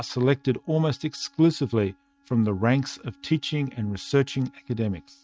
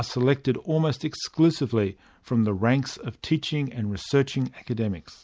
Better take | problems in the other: second | noise reduction (neural mask model RNNoise)

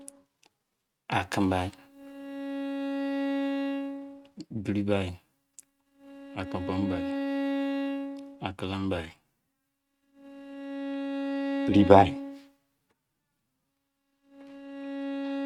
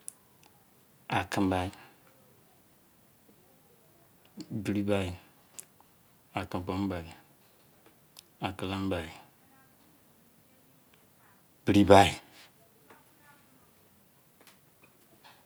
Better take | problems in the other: second | noise reduction (neural mask model RNNoise)

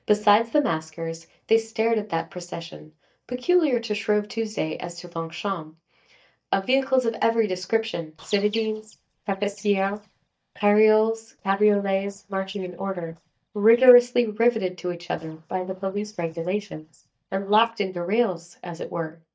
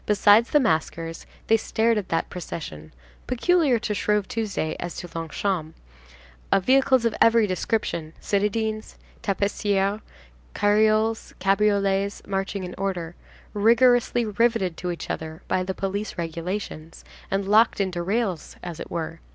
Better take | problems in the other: second | noise reduction (neural mask model DeepFilterNet 3)

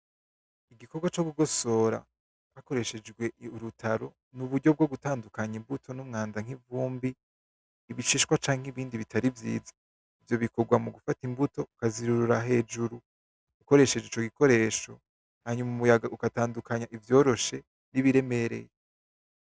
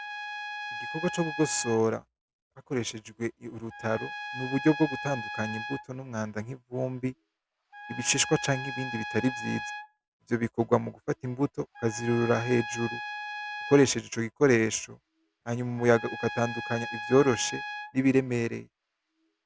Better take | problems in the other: first | background sound (Trumpet); 11 dB below the speech

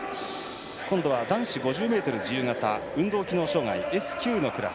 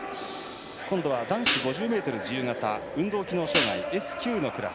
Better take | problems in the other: first | background sound (Hi-hat); 2 dB below the speech

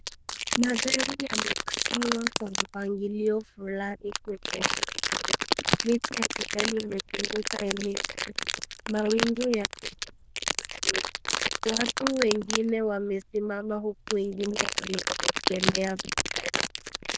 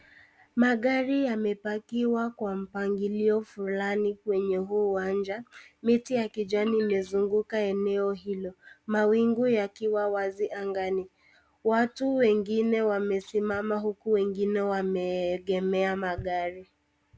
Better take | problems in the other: second | noise reduction (neural diffusion model UNIVERSE++)

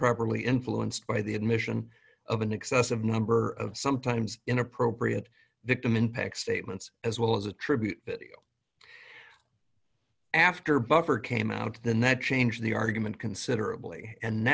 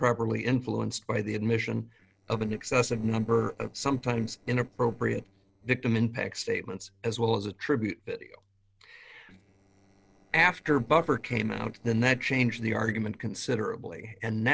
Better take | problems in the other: first | noise reduction (neural separator model SepFormer DNS4)

